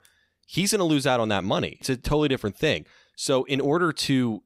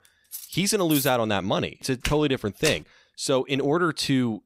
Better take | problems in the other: first | clattering dishes; noticeable; at 0.5 s; peak 6 dB below the speech // footsteps; noticeable; at 2 s; peak 6 dB below the speech

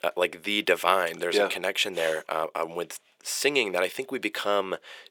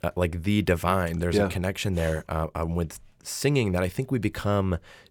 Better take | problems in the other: second | thin; very; fading below 400 Hz

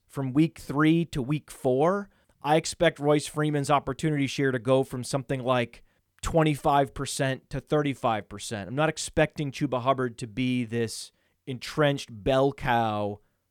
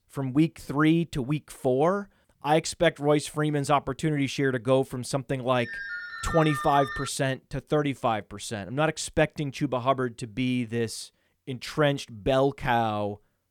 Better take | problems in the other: first | phone ringing; noticeable; from 5.5 to 7 s; peak 5 dB below the speech

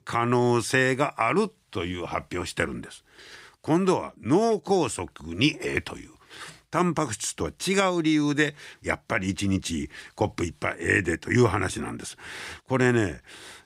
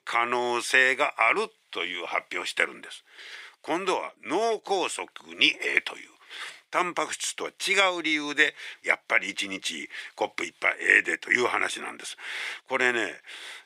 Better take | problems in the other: first | thin; very; fading below 550 Hz

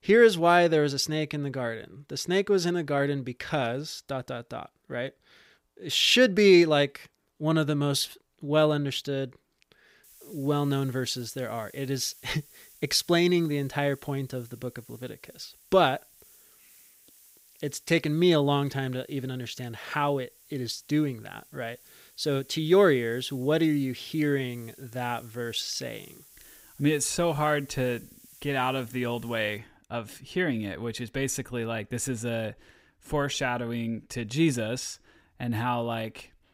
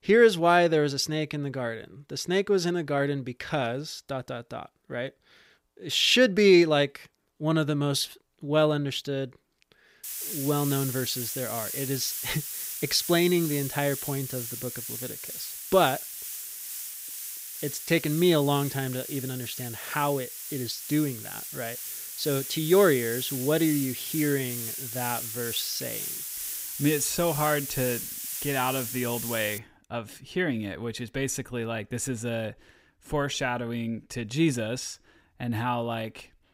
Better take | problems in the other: first | hiss; loud; from 10 to 30 s; 6 dB below the speech; faint in the first

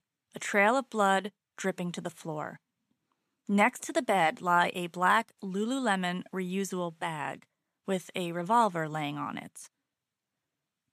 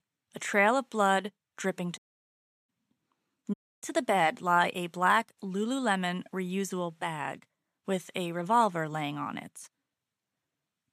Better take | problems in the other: first | audio cutting out; at 2 s for 0.5 s and at 3.5 s

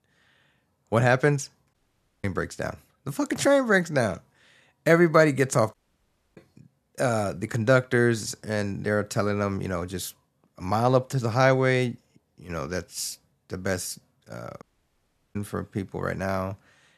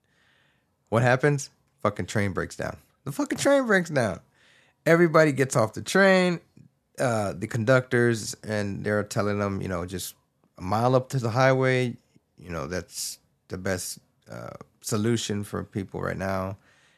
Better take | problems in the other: second | audio cutting out; at 1.5 s, at 5.5 s for 0.5 s and at 15 s for 0.5 s

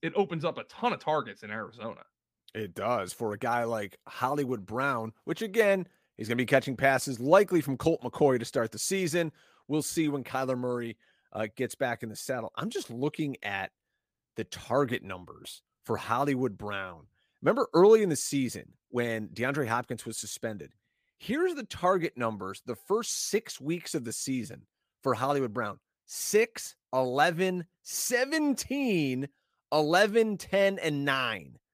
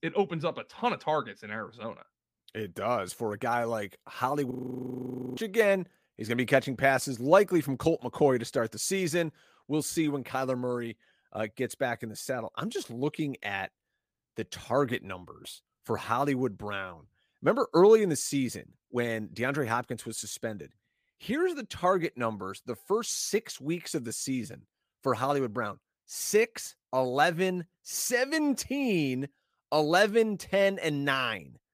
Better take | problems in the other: first | audio freezing; at 4.5 s for 1 s

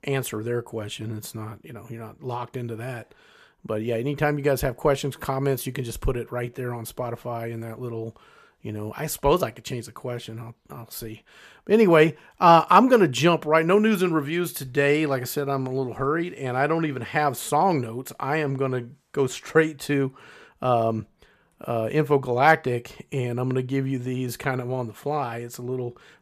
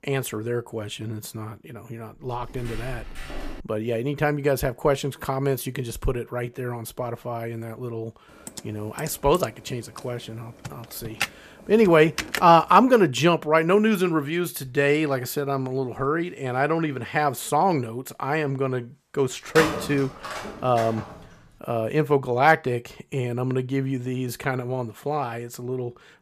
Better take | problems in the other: first | footsteps; faint; from 2.5 to 3.5 s; peak 15 dB below the speech // keyboard typing; noticeable; from 8.5 to 12 s; peak 5 dB below the speech // phone ringing; noticeable; from 20 to 21 s; peak 2 dB below the speech

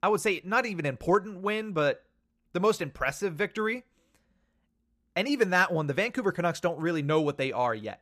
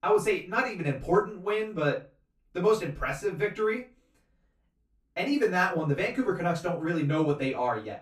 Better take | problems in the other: first | off-mic speech; far // room echo; very slight; dies away in 0.2 s

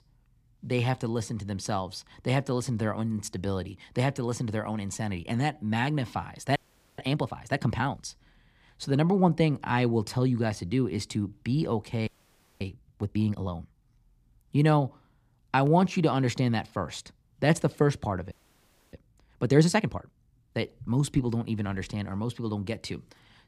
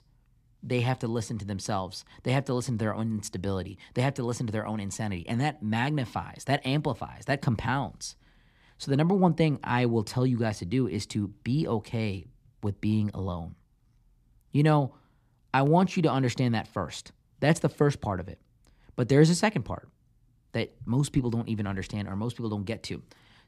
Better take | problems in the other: second | audio freezing; at 6.5 s, at 12 s for 0.5 s and at 18 s for 0.5 s

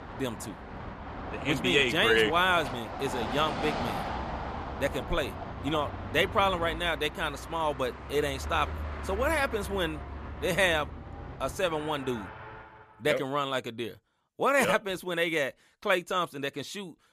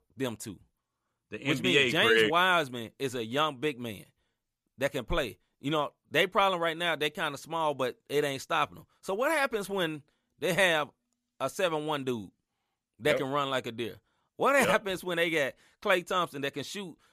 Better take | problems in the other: second | traffic noise; loud; until 13 s; 9 dB below the speech

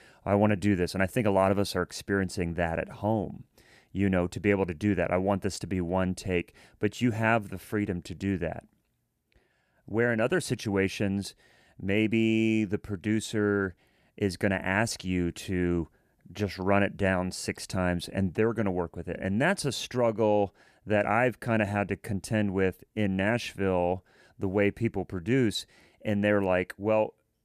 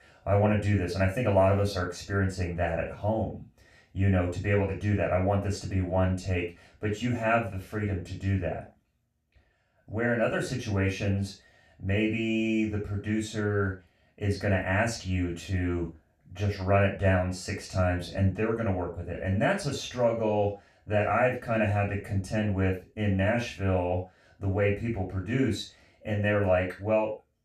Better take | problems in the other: first | room echo; noticeable; dies away in 0.3 s // off-mic speech; far

